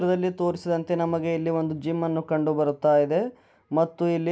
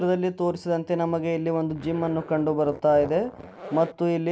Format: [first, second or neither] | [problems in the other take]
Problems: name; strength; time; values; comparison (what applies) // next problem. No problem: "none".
first | background sound (Zipper (clothing)); 16 dB below the speech